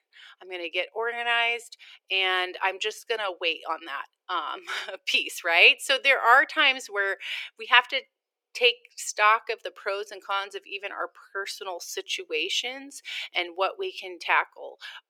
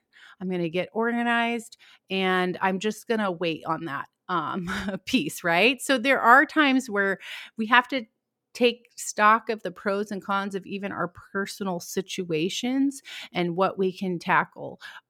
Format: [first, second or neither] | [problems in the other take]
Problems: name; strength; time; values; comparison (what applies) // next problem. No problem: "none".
second | thin; very; fading below 400 Hz